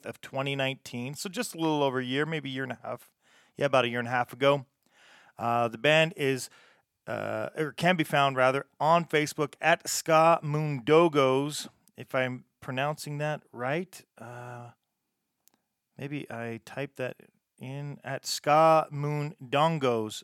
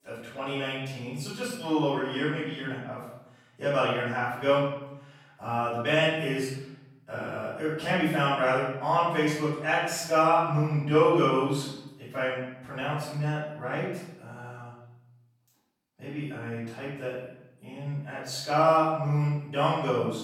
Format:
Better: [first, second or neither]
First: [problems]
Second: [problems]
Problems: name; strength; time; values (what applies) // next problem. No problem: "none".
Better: first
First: none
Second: off-mic speech; far // room echo; strong; dies away in 0.8 s